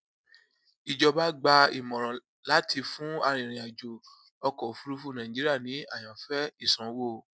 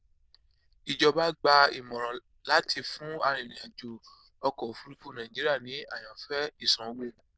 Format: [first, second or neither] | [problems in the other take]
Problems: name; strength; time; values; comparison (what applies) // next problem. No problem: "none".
first | noise reduction (neural diffusion model UNIVERSE++)